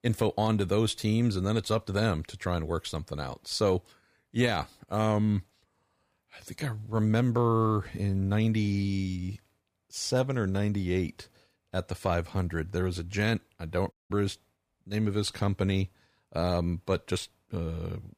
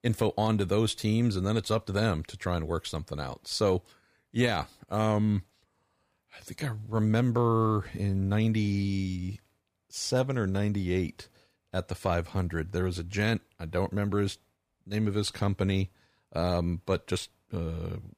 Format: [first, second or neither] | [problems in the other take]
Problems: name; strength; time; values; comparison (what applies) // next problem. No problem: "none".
second | audio cutting out; at 14 s